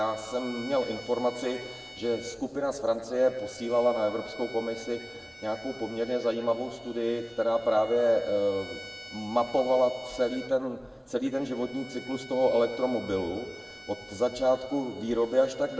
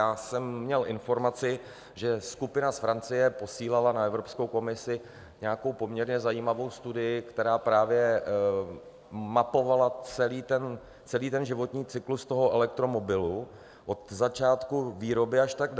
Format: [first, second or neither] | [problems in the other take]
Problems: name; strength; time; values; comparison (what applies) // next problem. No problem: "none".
second | background sound (Bowed string instrument); 18 dB below the speech // room echo; dies away in 1.3 s